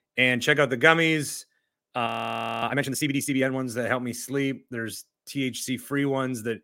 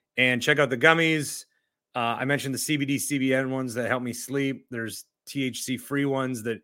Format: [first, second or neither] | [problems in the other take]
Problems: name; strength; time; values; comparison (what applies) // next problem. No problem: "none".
second | audio freezing; at 2 s for 0.5 s